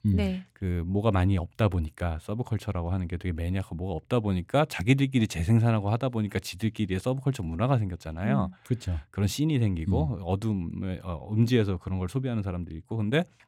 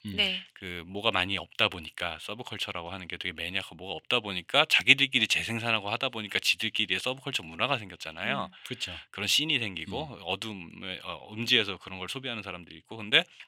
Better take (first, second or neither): first